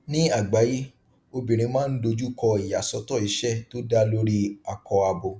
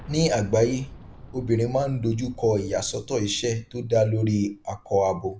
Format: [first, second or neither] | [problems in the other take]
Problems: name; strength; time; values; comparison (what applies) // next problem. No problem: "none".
first | background sound (Boom); 20 dB below the speech